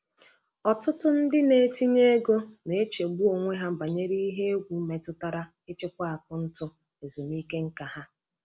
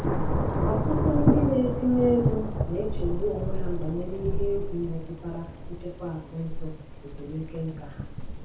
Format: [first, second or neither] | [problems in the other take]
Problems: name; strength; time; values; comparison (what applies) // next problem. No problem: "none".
first | background sound (Thunder / Rain); 2 dB above the speech // room echo; dies away in 0.6 s